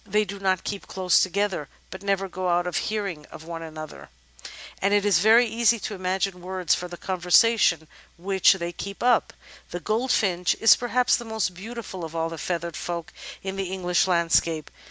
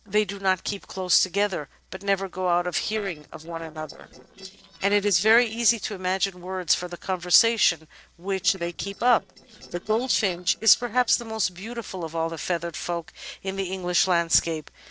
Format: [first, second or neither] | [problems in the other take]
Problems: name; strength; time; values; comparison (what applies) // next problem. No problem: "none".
first | noise reduction (neural separator model SepFormer DNS4)